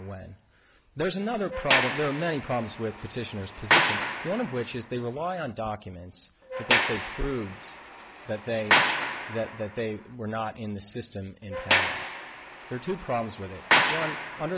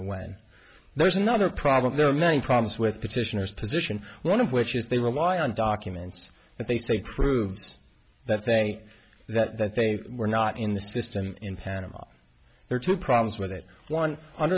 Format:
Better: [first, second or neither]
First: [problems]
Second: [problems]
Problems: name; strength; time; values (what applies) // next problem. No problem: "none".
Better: second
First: background sound (Sliding door); 2 dB above the speech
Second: none